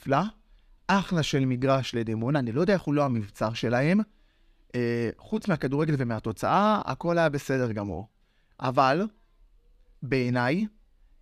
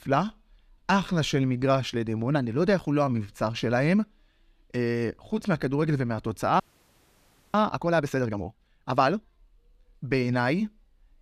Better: first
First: none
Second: audio freezing; at 6.5 s for 1 s

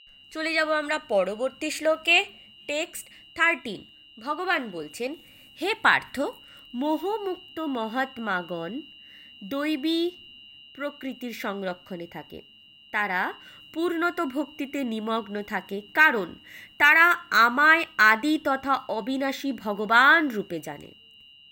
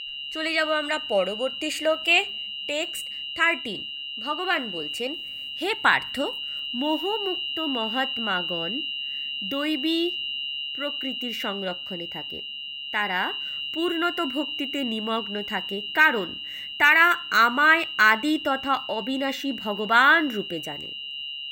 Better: first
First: high-pitched whine; faint; throughout; 3 kHz, 25 dB below the speech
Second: high-pitched whine; loud; throughout; 3 kHz, 7 dB below the speech

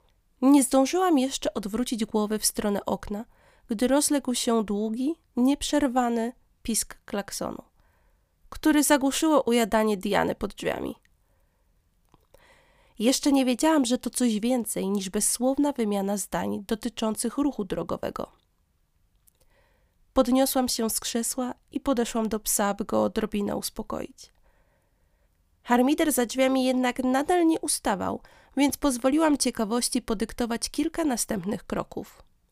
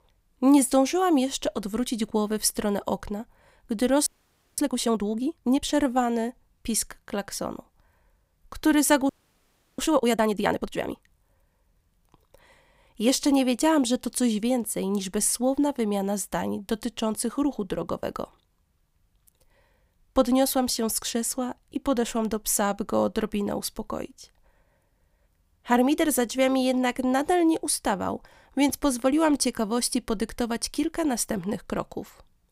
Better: first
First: none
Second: audio freezing; at 4 s for 0.5 s and at 9 s for 0.5 s

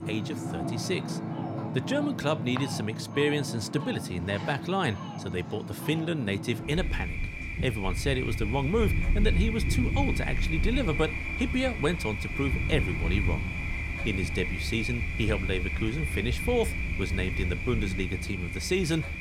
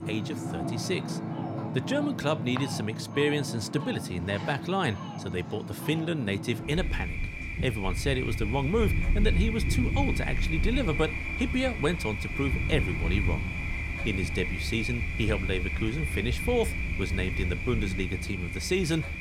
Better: neither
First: rain or running water; loud; throughout; 2 dB below the speech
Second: rain or running water; loud; throughout; 2 dB below the speech

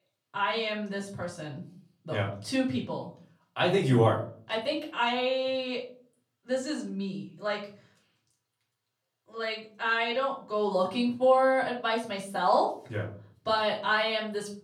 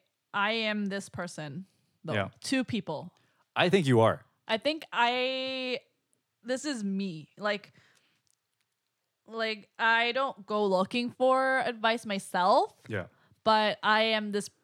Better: second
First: off-mic speech; far // room echo; slight; dies away in 0.4 s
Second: none

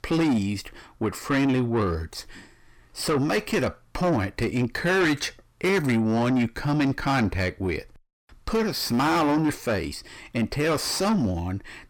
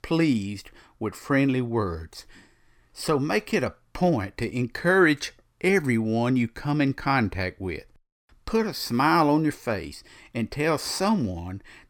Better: second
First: distortion; heavy; 7 dB below the speech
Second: none

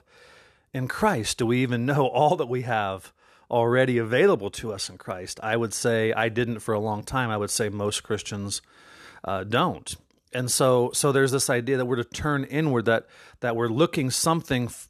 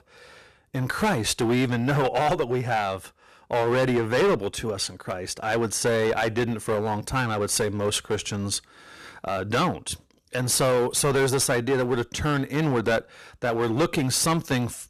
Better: first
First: none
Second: distortion; heavy; 11% of the sound clipped

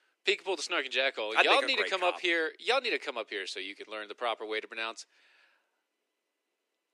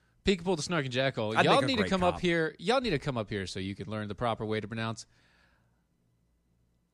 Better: second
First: thin; very; fading below 350 Hz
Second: none

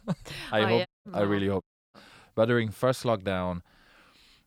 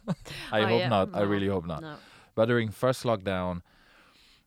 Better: second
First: audio cutting out; at 1 s and at 1.5 s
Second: none

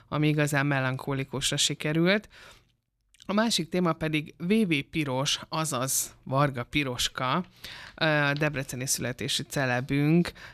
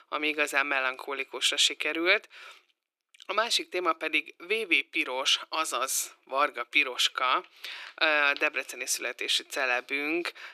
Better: first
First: none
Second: thin; very; fading below 350 Hz

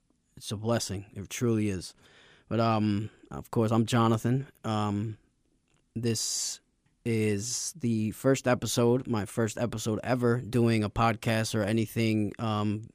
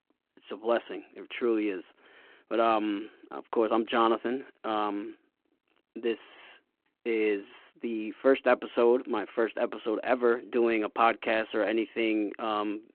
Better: first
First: none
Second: phone-call audio

